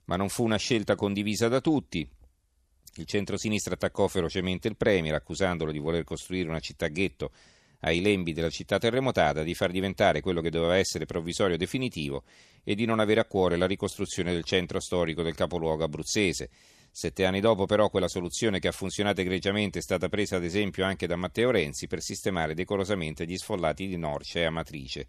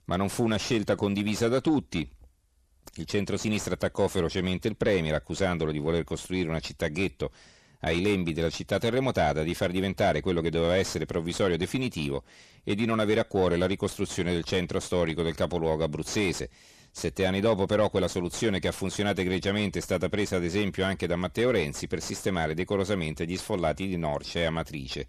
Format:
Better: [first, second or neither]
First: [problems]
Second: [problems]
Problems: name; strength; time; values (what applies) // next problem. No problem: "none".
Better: first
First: none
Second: distortion; slight; 10 dB below the speech